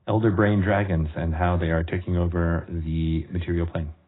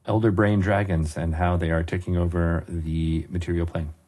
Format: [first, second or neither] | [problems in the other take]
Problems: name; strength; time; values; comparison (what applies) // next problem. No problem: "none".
second | garbled, watery; badly; nothing above 4 kHz; slightly in the second